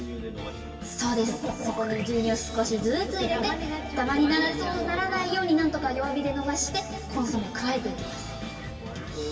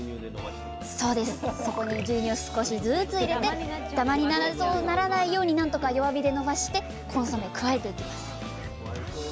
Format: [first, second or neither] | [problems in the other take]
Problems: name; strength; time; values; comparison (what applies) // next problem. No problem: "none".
second | room echo; dies away in 1.9 s